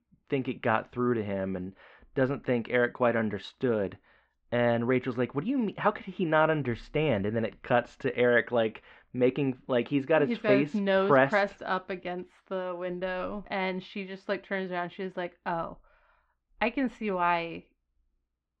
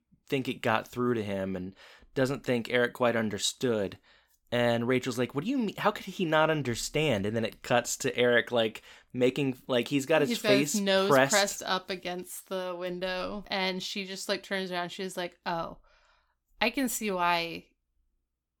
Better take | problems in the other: second | muffled; very; fading above 2.5 kHz

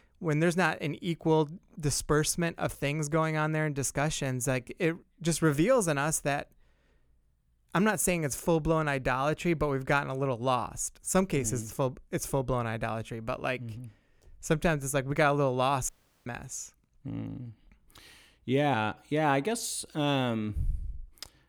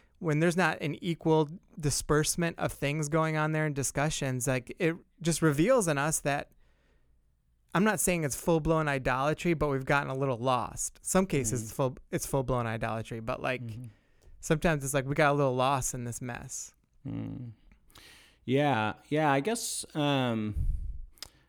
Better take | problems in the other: second | audio cutting out; at 16 s

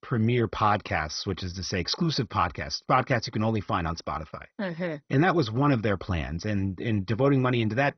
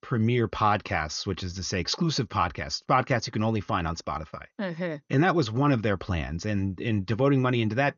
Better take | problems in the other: second | garbled, watery; badly; nothing above 6 kHz; slightly in the second

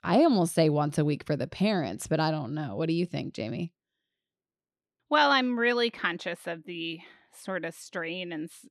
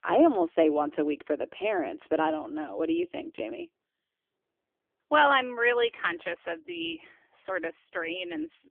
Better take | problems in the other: first | phone-call audio; poor line; nothing above 3.5 kHz

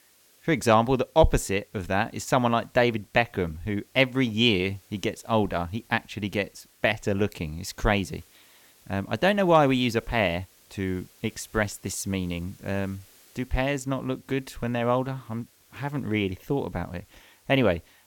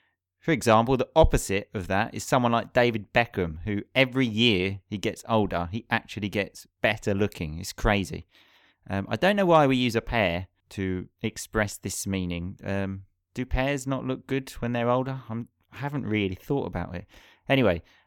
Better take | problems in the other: second | hiss; faint; throughout; 30 dB below the speech

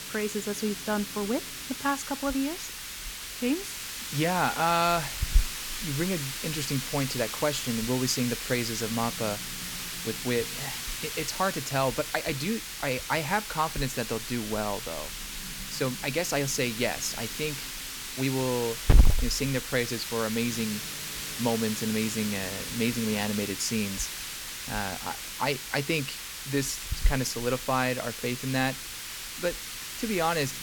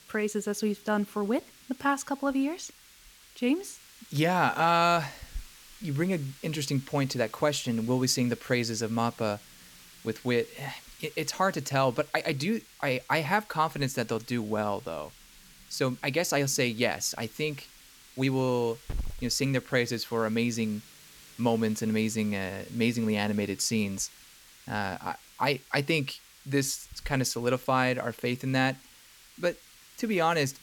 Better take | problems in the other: second | hiss; loud; throughout; 3 dB below the speech; faint in the second

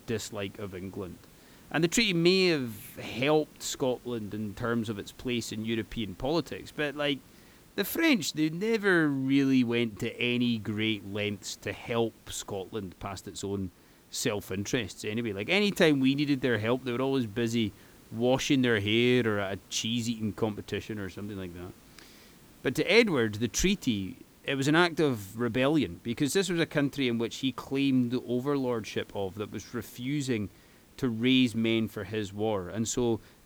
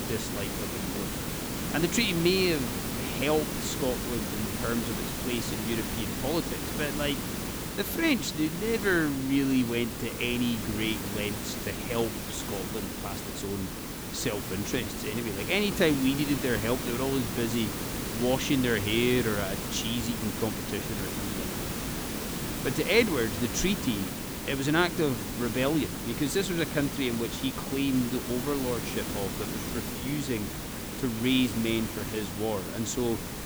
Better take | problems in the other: first | hiss; loud; throughout; 4 dB below the speech; faint in the first

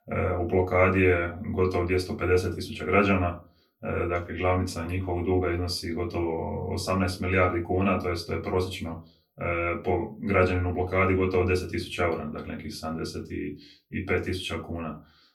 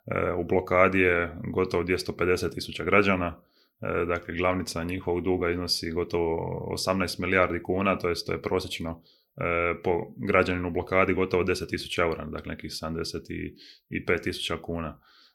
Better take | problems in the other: second | off-mic speech; far // room echo; very slight; dies away in 0.2 s

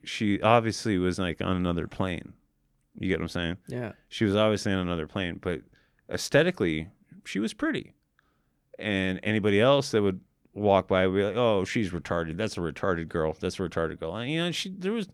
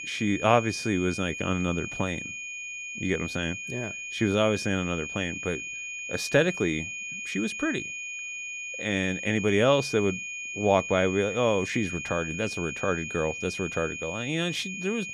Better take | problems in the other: first | high-pitched whine; loud; throughout; 2.5 kHz, 6 dB below the speech

